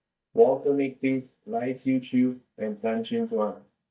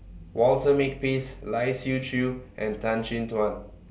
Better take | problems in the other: second | noise reduction (neural mask model DeepFilterNet 3)

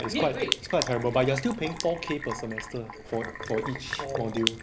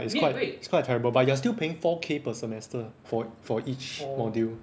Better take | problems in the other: second | background sound (Sink (filling or washing)); 6 dB below the speech

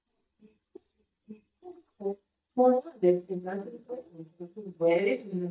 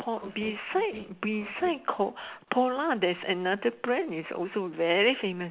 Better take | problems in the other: second | noise reduction (neural mask model DeepFilterNet 3)

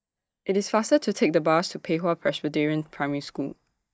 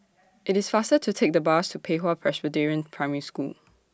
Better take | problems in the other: second | noise reduction (neural mask model DeepFilterNet 3)

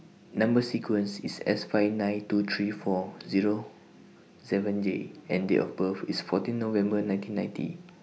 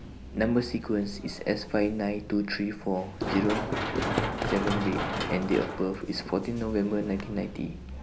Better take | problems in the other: first | background sound (Run); 5 dB below the speech

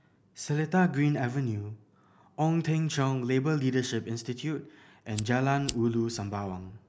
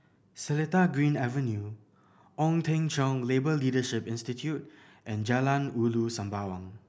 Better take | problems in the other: second | background sound (Fire); 15 dB below the speech

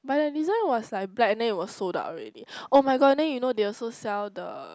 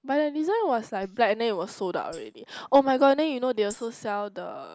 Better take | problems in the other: first | noise reduction (neural mask model Resemble Enhance denoiser)

